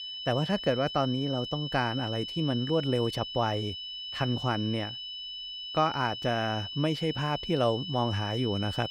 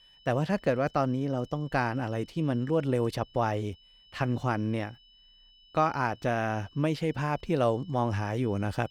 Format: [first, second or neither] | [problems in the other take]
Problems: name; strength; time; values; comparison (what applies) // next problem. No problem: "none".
second | high-pitched whine; loud; throughout; 3 kHz, 6 dB below the speech; faint in the second